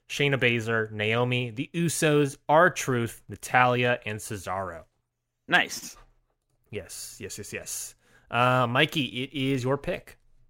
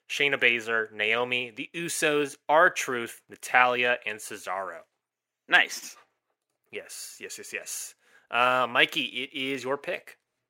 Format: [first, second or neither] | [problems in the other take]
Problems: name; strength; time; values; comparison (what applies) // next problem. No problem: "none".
first | thin; somewhat; fading below 350 Hz